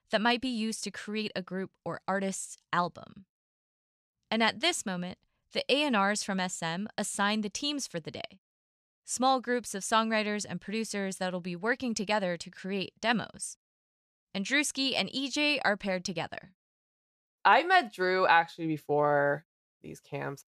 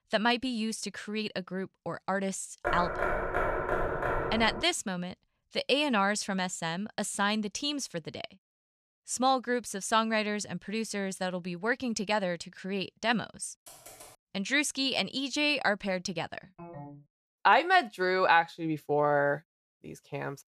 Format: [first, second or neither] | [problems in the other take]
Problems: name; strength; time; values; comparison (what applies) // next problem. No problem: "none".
first | door banging; noticeable; from 2.5 to 4.5 s; peak 1 dB below the speech // keyboard typing; faint; at 14 s; peak 20 dB below the speech // phone ringing; faint; at 17 s; peak 15 dB below the speech